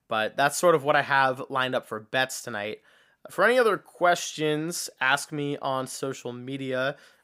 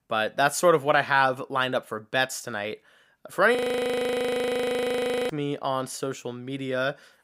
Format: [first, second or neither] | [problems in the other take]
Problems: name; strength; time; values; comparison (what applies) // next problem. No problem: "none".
first | audio freezing; at 3.5 s for 1.5 s